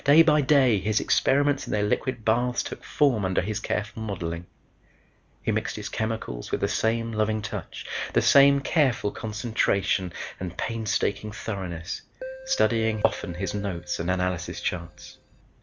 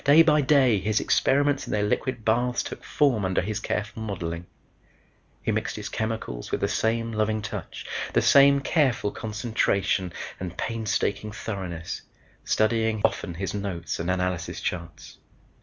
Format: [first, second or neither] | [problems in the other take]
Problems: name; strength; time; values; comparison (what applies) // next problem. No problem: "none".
second | background sound (Keyboard (musical)); 16 dB below the speech